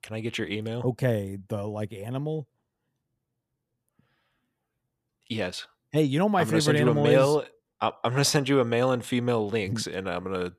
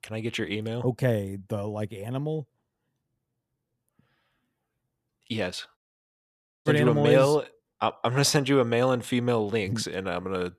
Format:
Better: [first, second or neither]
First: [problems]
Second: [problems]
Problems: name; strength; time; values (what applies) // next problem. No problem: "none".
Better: first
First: none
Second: audio cutting out; at 6 s for 1 s